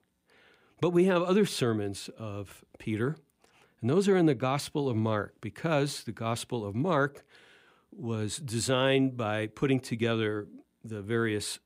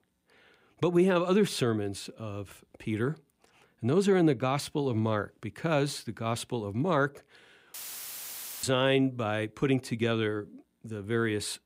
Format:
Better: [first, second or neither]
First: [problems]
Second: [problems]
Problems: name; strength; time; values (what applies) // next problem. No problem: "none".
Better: first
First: none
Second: audio cutting out; filled with static; at 7.5 s for 1 s